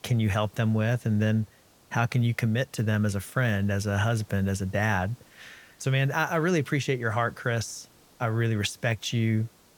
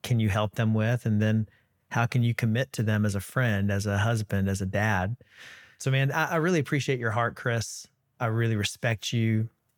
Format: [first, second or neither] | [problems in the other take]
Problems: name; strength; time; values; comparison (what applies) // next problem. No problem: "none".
second | hiss; faint; throughout; 30 dB below the speech